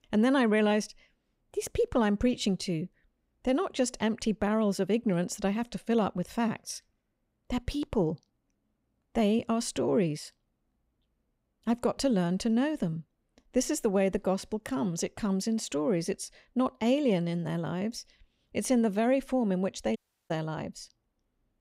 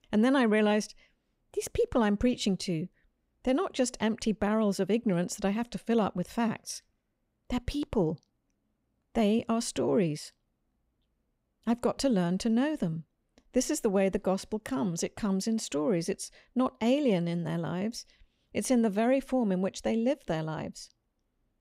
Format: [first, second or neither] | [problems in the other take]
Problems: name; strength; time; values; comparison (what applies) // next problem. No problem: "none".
second | audio cutting out; at 20 s